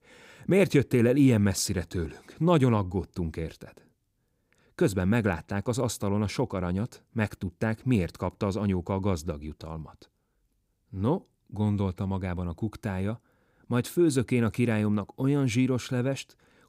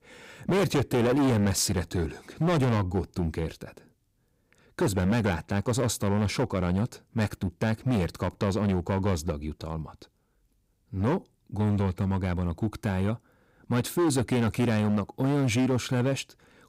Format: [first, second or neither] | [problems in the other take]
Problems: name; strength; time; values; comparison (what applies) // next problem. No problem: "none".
first | distortion; heavy; 13% of the sound clipped